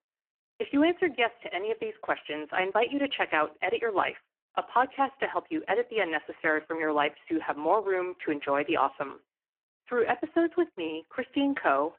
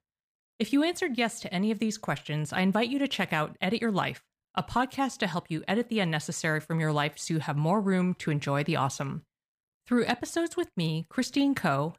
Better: second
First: phone-call audio; poor line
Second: none

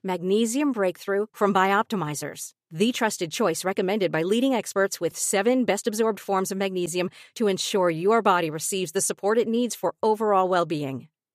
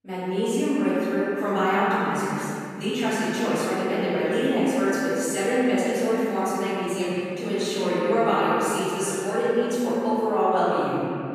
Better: first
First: none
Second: off-mic speech; far // room echo; strong; dies away in 2.8 s

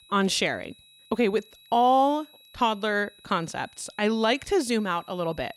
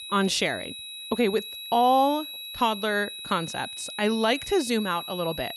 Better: first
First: high-pitched whine; faint; throughout; 4 kHz, 25 dB below the speech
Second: high-pitched whine; loud; throughout; 4 kHz, 10 dB below the speech

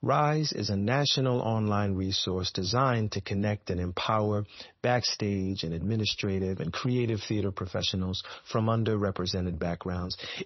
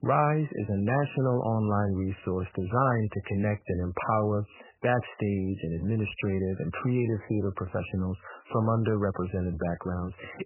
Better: first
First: garbled, watery; slightly; nothing above 6 kHz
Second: garbled, watery; badly; nothing above 3 kHz

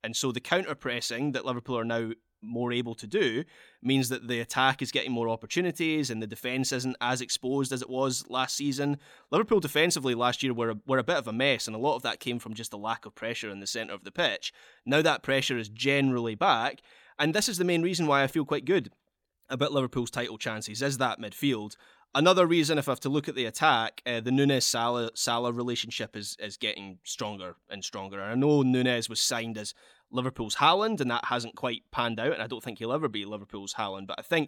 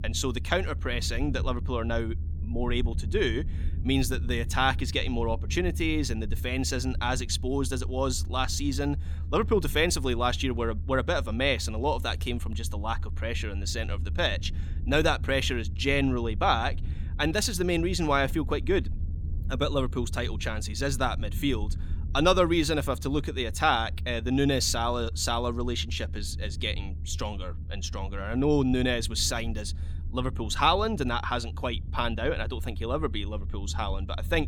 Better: first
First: none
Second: low rumble; faint; throughout; 20 dB below the speech

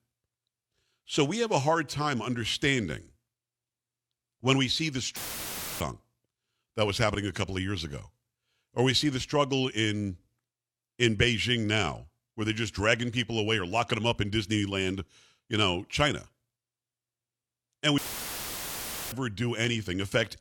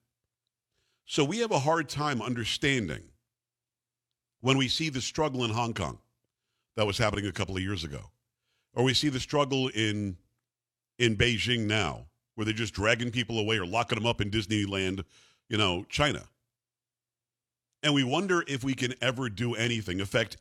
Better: second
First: audio cutting out; filled with static; at 5 s for 0.5 s and at 18 s for 1 s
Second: none

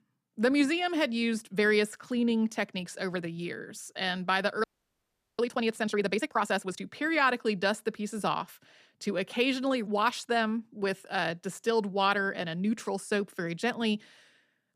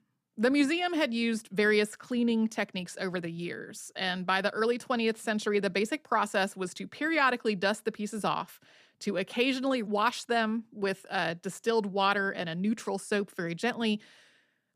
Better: second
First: audio freezing; at 4.5 s for 0.5 s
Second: none

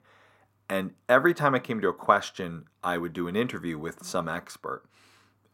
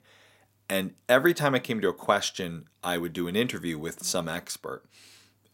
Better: second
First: muffled; slightly; fading above 2.5 kHz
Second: none

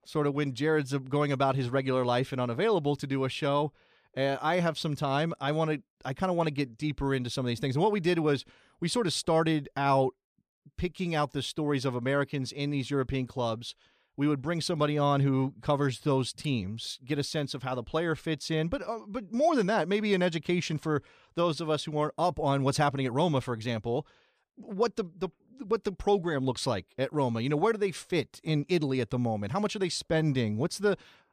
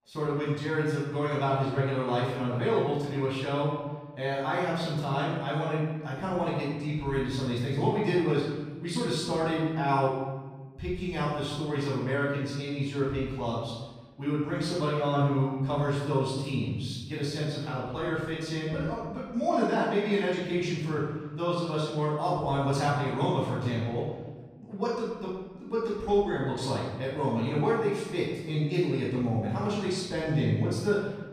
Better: first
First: none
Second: off-mic speech; far // room echo; strong; dies away in 1.1 s

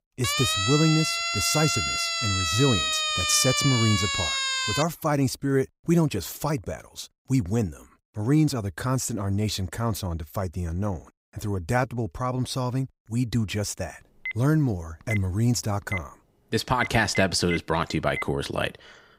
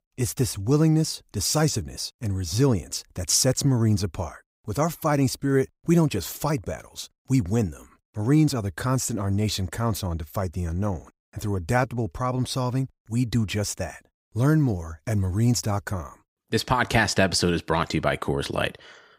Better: second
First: siren; loud; until 5 s; peak 3 dB above the speech // phone ringing; noticeable; from 14 to 18 s; peak 7 dB below the speech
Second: none

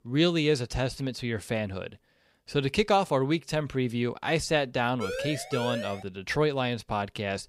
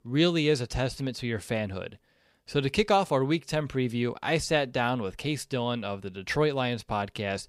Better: second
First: siren; noticeable; from 5 to 6 s; peak 6 dB below the speech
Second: none

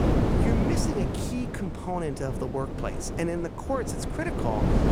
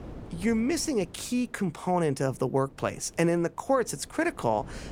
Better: second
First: wind noise on the microphone; heavy; 1 dB below the speech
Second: wind noise on the microphone; occasional gusts; 25 dB below the speech

